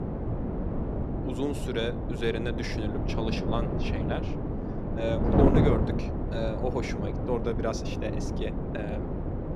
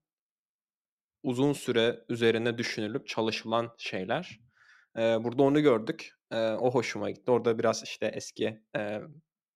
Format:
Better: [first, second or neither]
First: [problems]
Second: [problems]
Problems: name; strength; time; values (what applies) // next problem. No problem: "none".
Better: second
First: wind noise on the microphone; heavy; 1 dB below the speech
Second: none